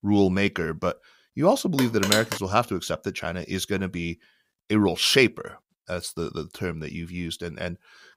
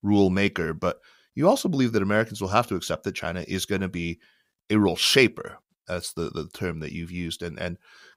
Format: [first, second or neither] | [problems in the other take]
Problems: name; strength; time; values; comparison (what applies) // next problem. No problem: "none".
second | phone ringing; loud; at 2 s; peak 1 dB above the speech